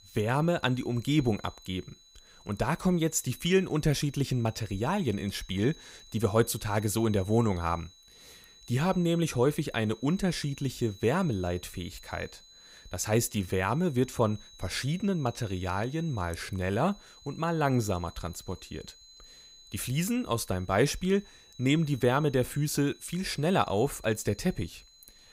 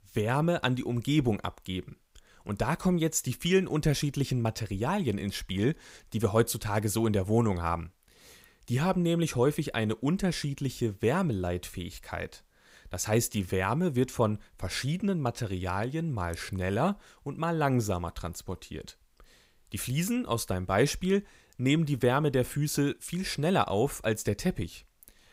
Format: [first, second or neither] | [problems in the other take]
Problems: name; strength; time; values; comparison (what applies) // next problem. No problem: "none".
second | high-pitched whine; faint; throughout; 4 kHz, 25 dB below the speech